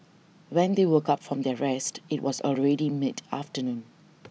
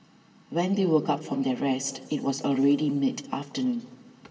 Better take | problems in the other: first | room echo; dies away in 2.7 s

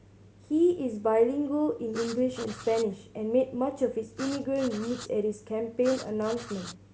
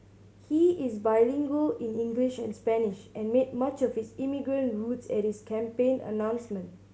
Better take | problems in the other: second | background sound (Writing); 15 dB below the speech

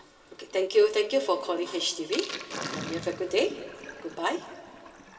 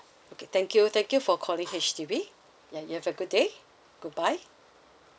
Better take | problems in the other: second | background sound (Sink (filling or washing)); 13 dB below the speech // room echo; dies away in 2.2 s

